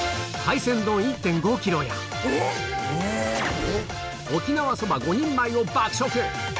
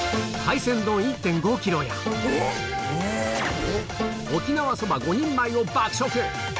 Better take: first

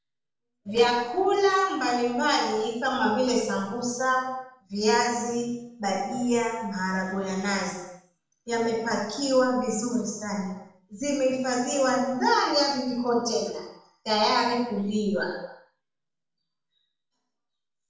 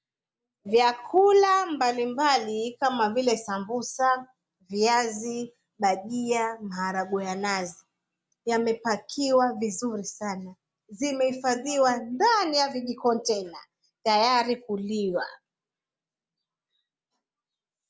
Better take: second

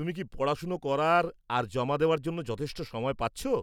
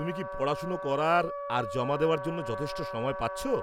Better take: first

